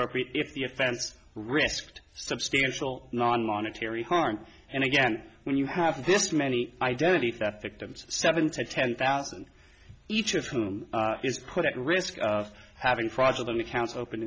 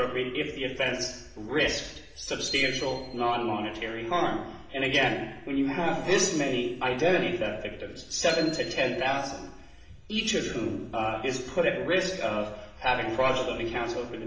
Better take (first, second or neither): first